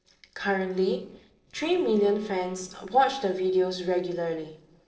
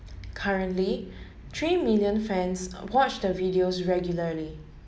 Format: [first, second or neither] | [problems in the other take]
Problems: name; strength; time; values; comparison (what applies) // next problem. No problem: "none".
second | noise reduction (neural separator model SepFormer DNS4)